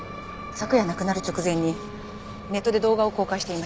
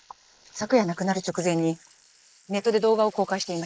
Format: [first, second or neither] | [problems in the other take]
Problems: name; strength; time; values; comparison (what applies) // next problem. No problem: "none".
first | noise reduction (neural mask model Resemble Enhance denoiser)